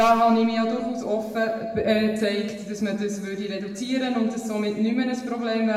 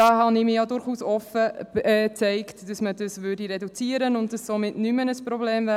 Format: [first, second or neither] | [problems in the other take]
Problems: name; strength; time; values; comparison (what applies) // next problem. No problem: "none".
second | room echo; dies away in 1.1 s